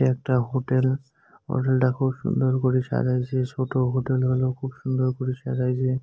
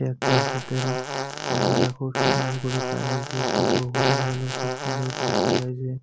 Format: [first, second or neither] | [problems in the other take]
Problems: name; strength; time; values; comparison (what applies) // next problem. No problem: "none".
first | background sound (Fart); 4 dB above the speech